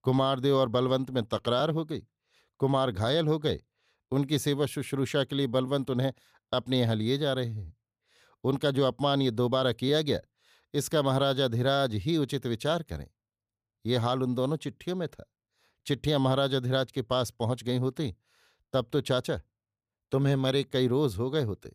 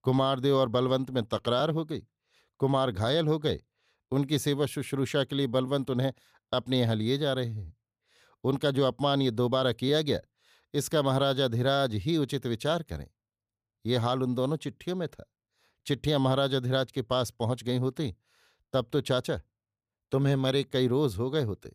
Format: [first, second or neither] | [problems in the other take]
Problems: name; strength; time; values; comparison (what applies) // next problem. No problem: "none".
neither | none